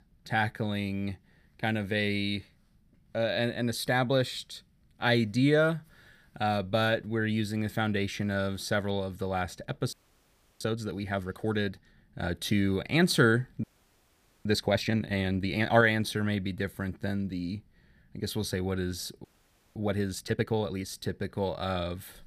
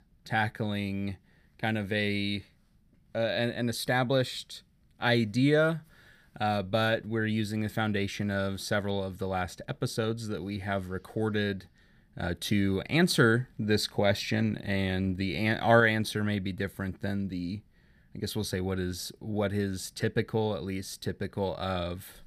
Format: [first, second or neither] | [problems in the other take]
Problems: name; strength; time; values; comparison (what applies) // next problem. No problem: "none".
second | audio freezing; at 10 s for 0.5 s, at 14 s for 1 s and at 19 s for 0.5 s